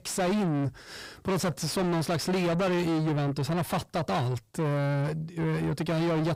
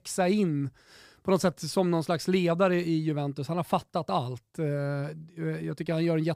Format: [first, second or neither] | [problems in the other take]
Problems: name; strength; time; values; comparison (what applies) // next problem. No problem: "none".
second | distortion; heavy; 5 dB below the speech